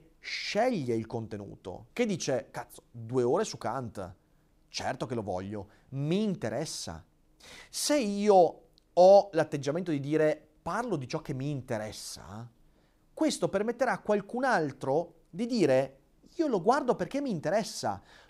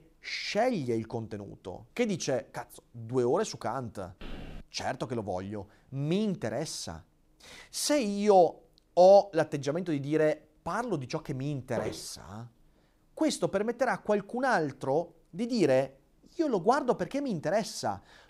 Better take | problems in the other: first | footsteps; faint; at 4 s; peak 15 dB below the speech // footsteps; noticeable; at 12 s; peak 9 dB below the speech

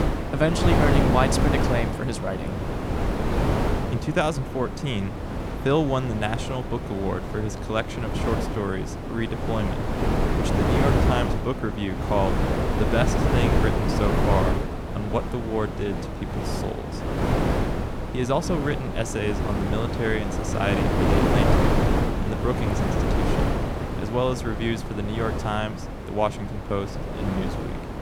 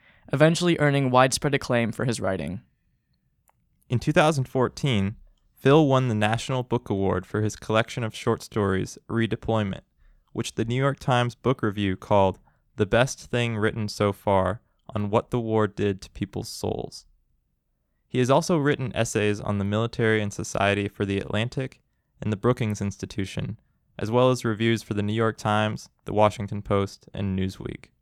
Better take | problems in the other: second | wind noise on the microphone; heavy; 1 dB below the speech

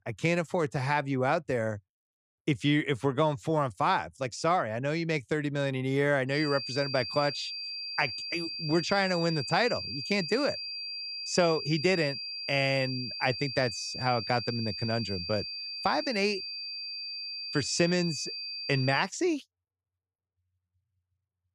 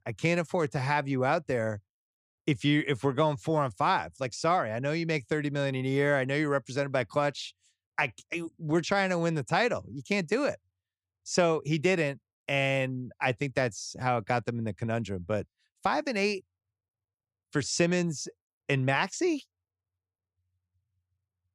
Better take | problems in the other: second | high-pitched whine; loud; from 6.5 to 19 s; 4.5 kHz, 6 dB below the speech

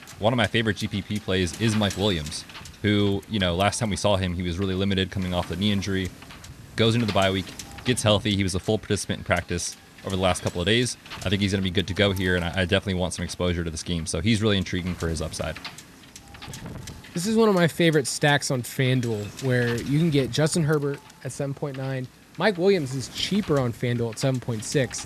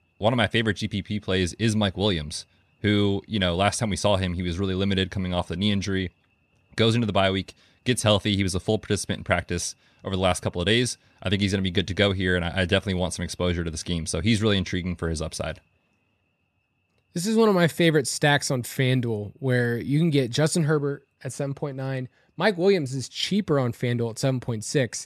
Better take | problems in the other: second | wind noise on the microphone; occasional gusts; 15 dB below the speech

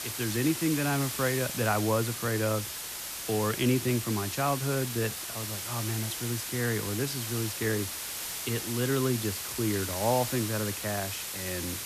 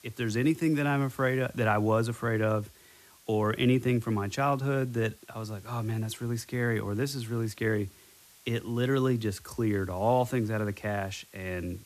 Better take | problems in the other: second | hiss; loud; throughout; 3 dB below the speech; faint in the second

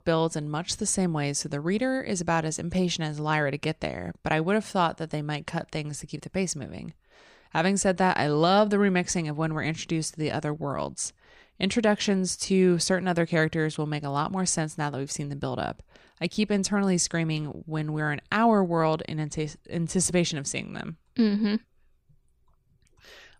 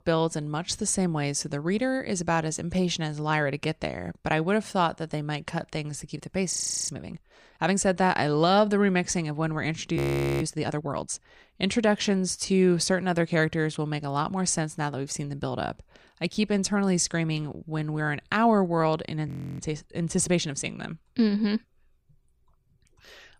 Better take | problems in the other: first | audio freezing; at 6.5 s, at 10 s and at 19 s

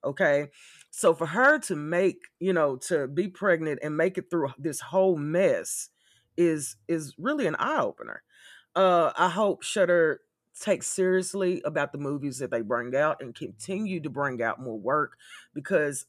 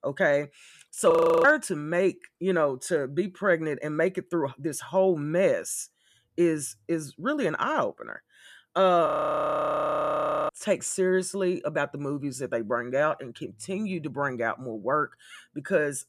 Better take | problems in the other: first | audio freezing; at 1 s and at 9 s for 1.5 s

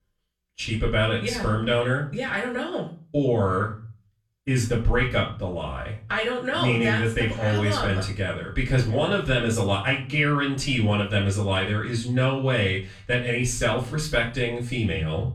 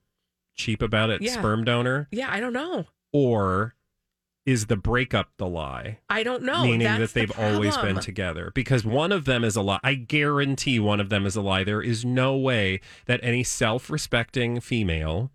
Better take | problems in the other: second | off-mic speech; far // room echo; slight; dies away in 0.3 s

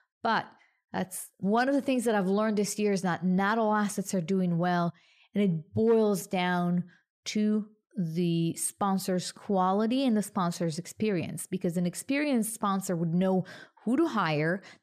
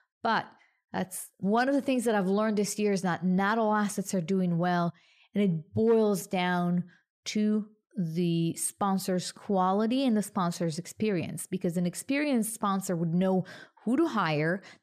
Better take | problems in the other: neither | none

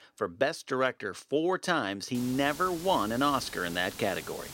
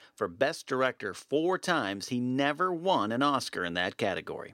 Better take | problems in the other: second | hiss; noticeable; from 2 s on; 15 dB below the speech

